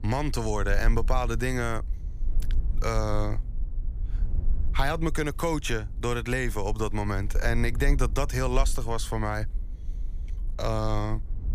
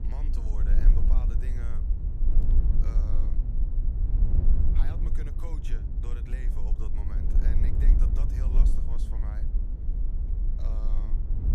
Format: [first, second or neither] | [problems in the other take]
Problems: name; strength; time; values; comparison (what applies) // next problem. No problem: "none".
first | wind noise on the microphone; heavy; 1 dB above the speech; occasional gusts in the first